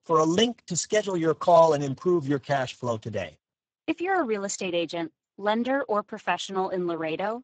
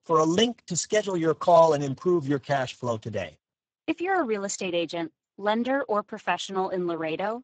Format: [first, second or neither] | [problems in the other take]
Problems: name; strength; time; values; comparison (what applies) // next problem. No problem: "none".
neither | garbled, watery; badly; nothing above 7.5 kHz; the same in both